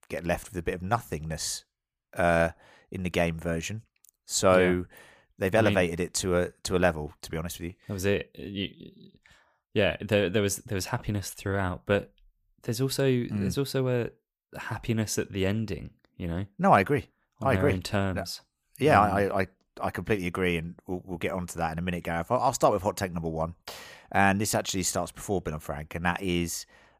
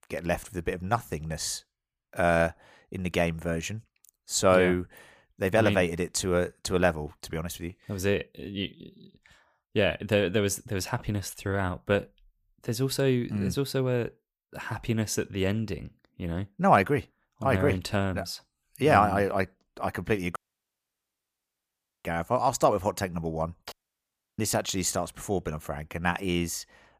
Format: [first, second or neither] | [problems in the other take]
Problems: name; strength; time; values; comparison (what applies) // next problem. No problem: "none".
first | audio cutting out; at 20 s for 1.5 s and at 24 s for 0.5 s